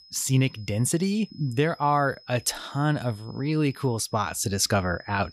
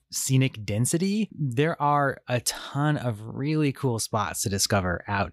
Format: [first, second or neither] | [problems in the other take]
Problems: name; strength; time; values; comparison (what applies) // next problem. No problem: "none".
second | high-pitched whine; faint; throughout; 5 kHz, 25 dB below the speech